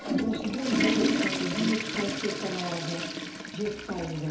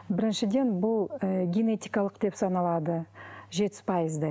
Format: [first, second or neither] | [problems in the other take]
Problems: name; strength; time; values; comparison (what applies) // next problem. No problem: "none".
second | background sound (Toilet flush / Water); 2 dB above the speech // room echo; dies away in 1.2 s